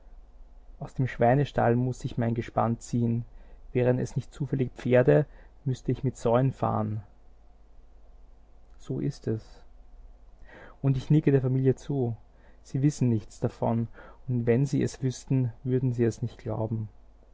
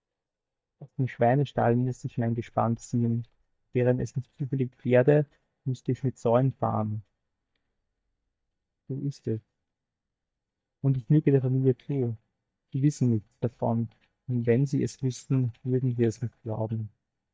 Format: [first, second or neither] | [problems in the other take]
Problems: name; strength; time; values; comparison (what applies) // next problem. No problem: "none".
first | noise reduction (neural mask model DeepFilterNet 3)